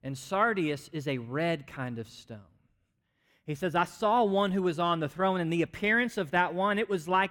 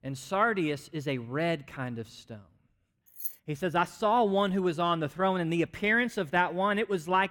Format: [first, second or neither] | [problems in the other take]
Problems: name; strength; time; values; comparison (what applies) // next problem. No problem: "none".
first | jangling keys; noticeable; at 3 s; peak 8 dB below the speech